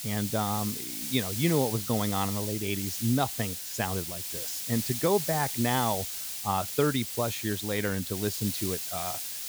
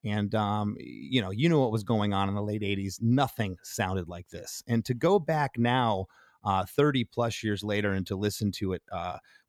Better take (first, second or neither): second